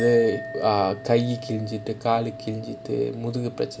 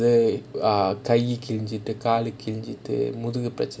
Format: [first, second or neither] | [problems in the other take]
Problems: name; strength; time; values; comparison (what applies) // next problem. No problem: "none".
second | background sound (Chink, clink); 14 dB below the speech